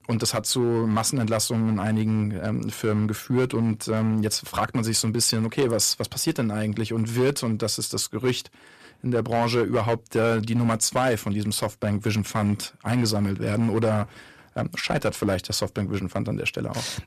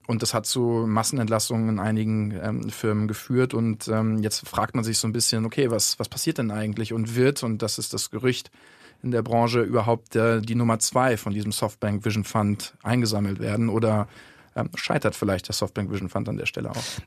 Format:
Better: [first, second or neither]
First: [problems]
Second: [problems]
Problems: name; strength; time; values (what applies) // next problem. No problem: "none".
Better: second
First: distortion; slight; 5% of the sound clipped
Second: none